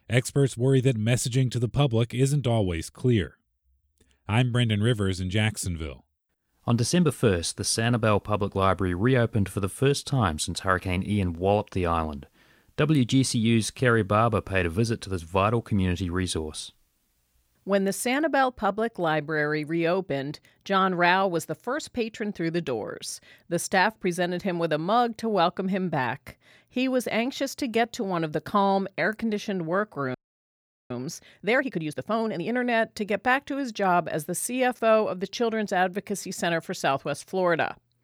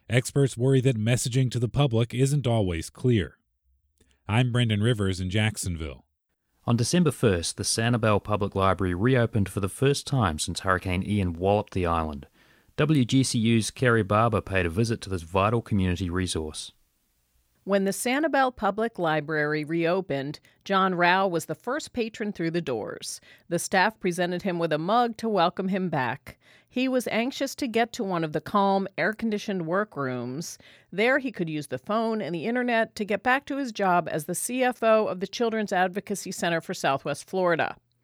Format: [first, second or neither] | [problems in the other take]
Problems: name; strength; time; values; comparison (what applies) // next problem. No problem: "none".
second | audio freezing; at 30 s for 1 s